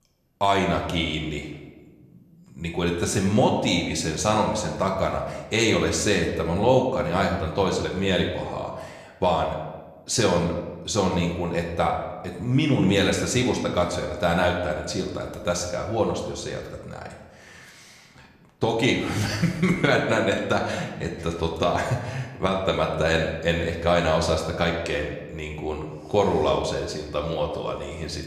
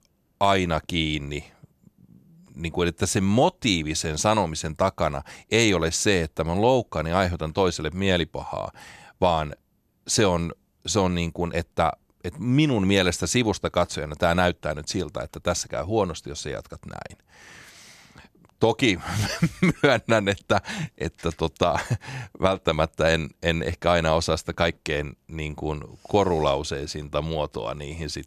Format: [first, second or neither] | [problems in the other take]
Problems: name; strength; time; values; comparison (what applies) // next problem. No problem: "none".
second | room echo; slight; dies away in 0.9 s // off-mic speech; somewhat distant